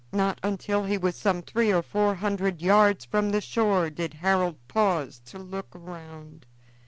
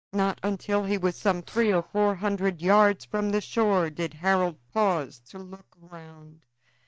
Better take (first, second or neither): first